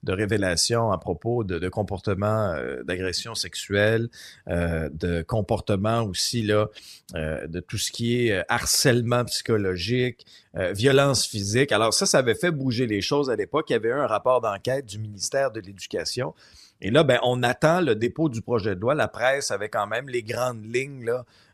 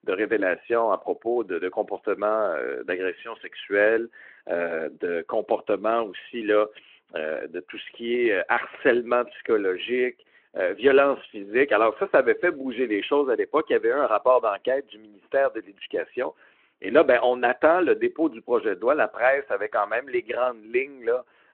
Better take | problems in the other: first | phone-call audio

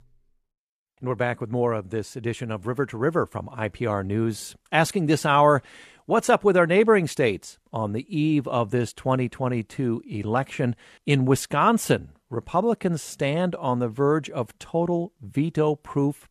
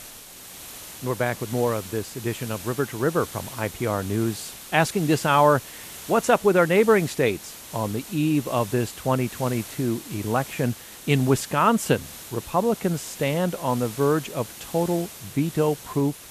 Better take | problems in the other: first | hiss; noticeable; throughout; 15 dB below the speech

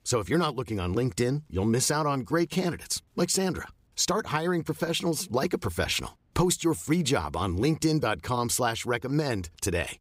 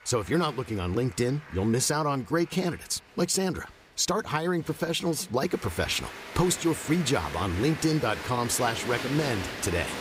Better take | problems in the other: first | crowd noise; loud; throughout; 10 dB below the speech

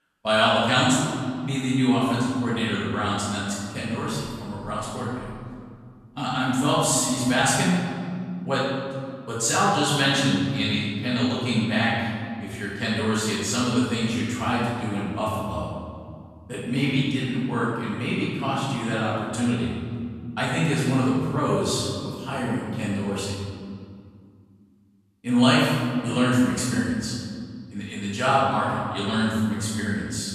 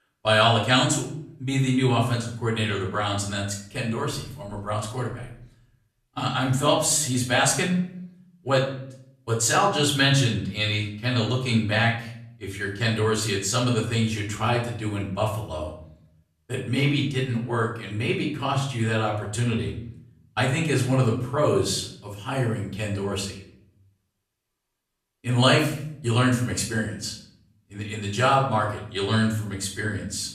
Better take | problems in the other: second | room echo; strong; dies away in 2.1 s; slight in the second // off-mic speech; far; far in the second

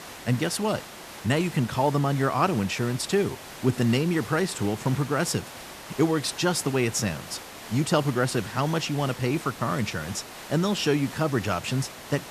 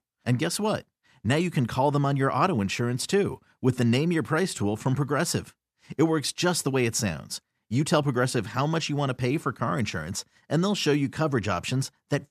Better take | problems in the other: second | hiss; noticeable; throughout; 15 dB below the speech

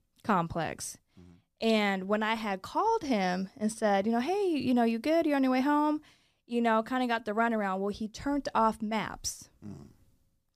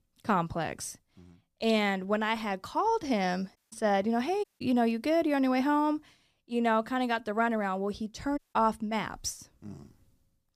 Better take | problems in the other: first | audio cutting out; at 3.5 s, at 4.5 s and at 8.5 s

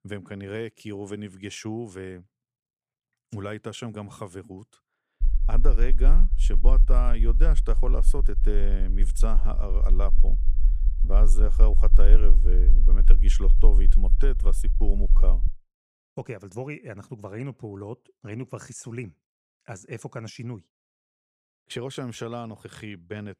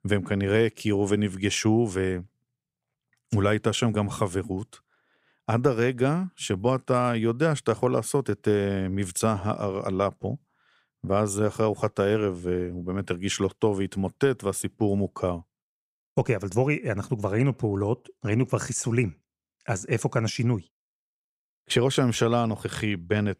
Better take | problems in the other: second | low rumble; noticeable; from 5 to 15 s; 15 dB below the speech

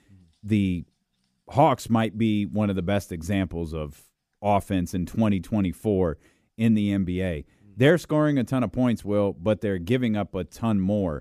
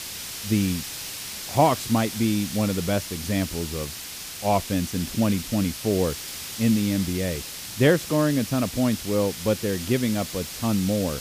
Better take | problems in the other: first | hiss; loud; throughout; 8 dB below the speech

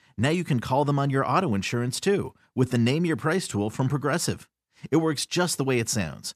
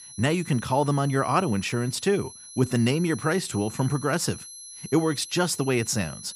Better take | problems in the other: first | high-pitched whine; noticeable; throughout; 11 kHz, 15 dB below the speech

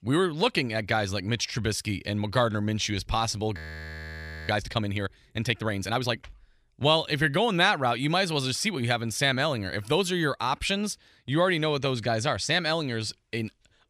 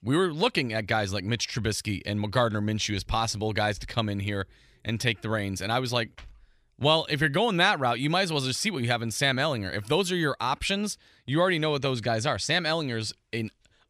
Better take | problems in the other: second | audio freezing; at 3.5 s for 1 s

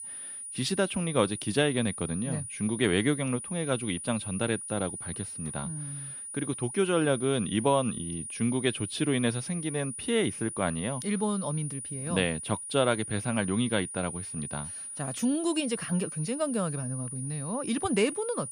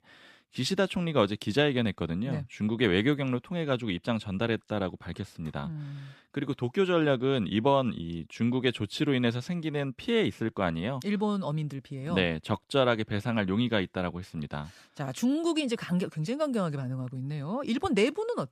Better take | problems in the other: second | high-pitched whine; loud; throughout; 9.5 kHz, 7 dB below the speech

